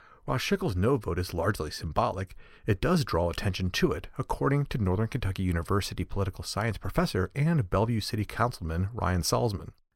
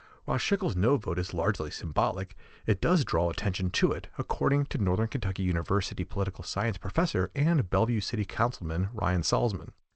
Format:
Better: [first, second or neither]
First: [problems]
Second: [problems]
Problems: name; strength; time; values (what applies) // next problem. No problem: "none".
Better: first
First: none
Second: garbled, watery; slightly; nothing above 8 kHz